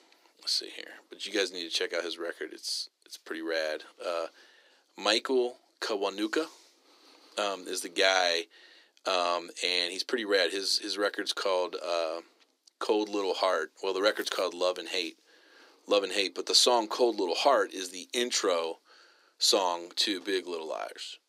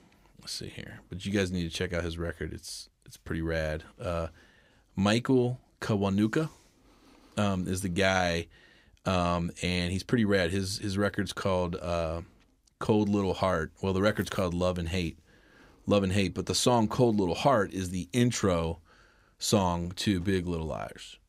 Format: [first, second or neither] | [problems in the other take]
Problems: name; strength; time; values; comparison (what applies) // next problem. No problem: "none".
second | thin; very; fading below 300 Hz